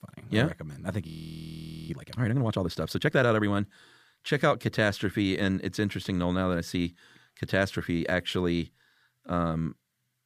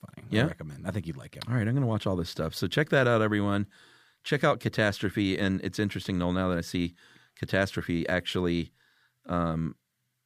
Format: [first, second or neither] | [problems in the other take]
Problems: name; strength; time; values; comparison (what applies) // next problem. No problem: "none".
second | audio freezing; at 1 s for 1 s